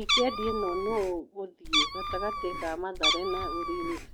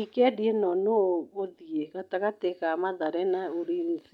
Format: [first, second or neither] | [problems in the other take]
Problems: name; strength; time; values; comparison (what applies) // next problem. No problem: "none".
second | background sound (Meow); 2 dB above the speech